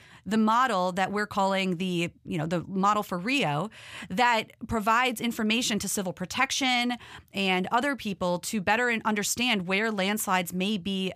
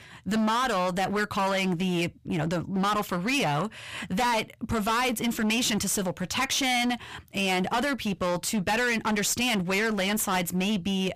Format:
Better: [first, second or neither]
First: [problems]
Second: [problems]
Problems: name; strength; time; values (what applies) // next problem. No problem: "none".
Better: first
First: none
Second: distortion; heavy; 22% of the sound clipped